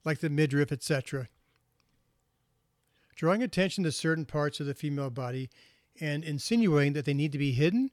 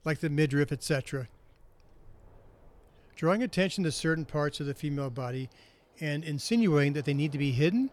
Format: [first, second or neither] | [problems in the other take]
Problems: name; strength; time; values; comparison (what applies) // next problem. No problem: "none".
first | train or aircraft noise; faint; throughout; 30 dB below the speech